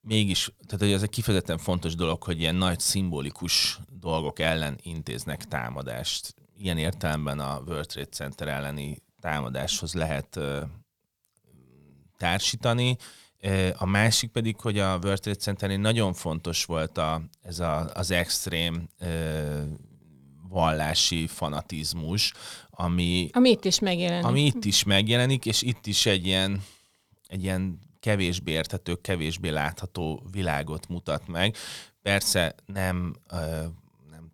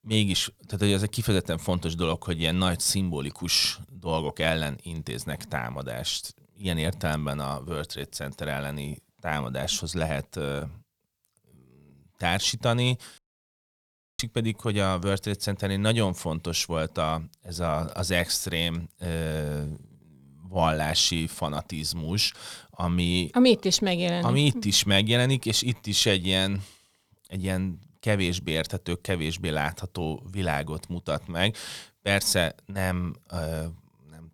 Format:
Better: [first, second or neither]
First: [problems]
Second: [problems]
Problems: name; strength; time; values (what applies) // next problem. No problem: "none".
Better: first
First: none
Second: audio cutting out; at 13 s for 1 s